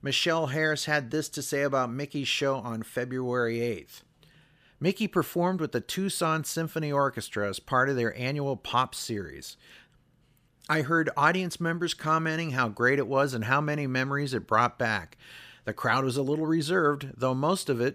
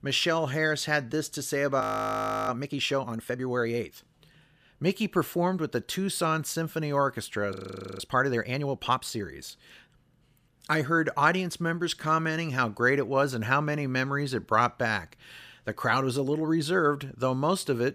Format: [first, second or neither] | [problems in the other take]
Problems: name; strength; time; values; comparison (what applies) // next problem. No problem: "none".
first | audio freezing; at 2 s for 0.5 s and at 7.5 s